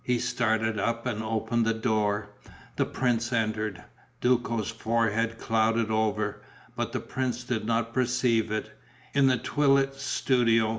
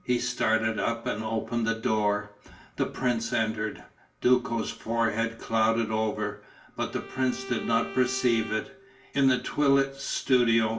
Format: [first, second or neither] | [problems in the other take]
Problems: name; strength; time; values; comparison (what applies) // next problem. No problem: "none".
first | background sound (Bowed string instrument); 15 dB below the speech // room echo; dies away in 0.2 s